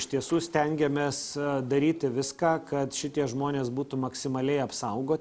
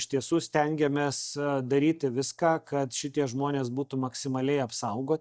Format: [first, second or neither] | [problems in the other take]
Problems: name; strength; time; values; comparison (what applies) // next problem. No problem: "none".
first | noise reduction (neural mask model DeepFilterNet 3)